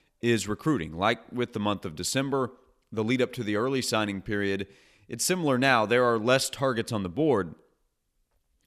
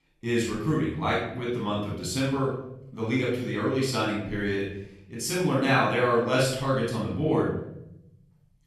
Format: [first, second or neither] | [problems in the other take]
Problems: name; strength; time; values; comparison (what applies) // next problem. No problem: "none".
first | room echo; noticeable; dies away in 0.9 s // off-mic speech; far